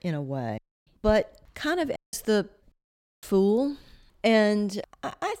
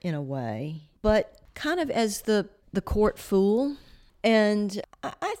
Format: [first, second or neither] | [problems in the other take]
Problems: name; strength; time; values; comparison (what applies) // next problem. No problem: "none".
second | audio cutting out; at 0.5 s, at 2 s and at 2.5 s for 0.5 s